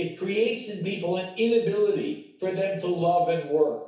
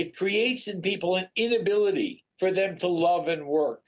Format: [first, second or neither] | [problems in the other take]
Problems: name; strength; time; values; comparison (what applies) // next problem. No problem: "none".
second | room echo; dies away in 0.6 s